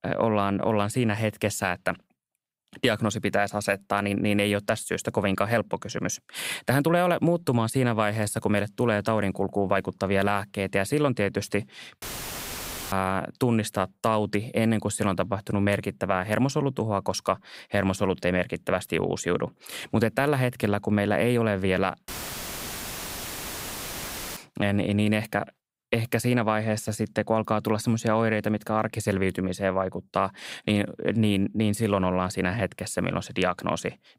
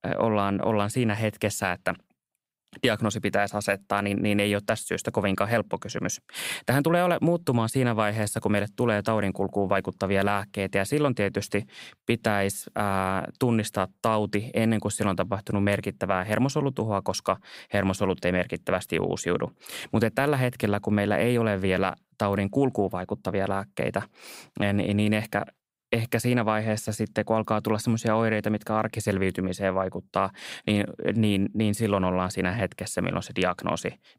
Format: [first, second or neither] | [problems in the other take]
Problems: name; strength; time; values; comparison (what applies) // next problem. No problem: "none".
second | audio cutting out; filled with static; at 12 s for 1 s and at 22 s for 2.5 s